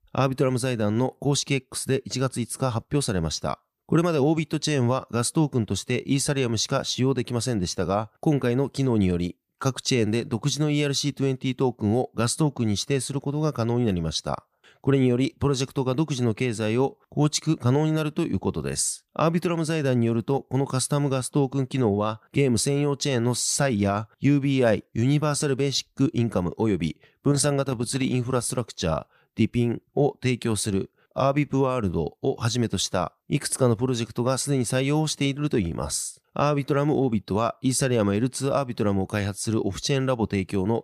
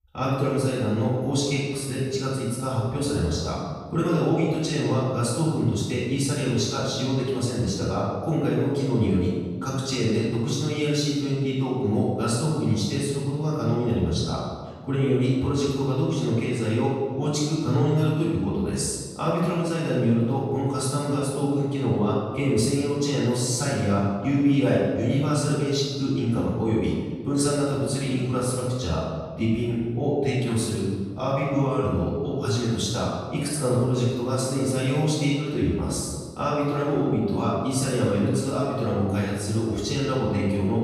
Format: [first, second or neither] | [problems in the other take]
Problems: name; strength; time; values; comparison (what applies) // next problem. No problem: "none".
first | room echo; strong; dies away in 1.4 s // off-mic speech; far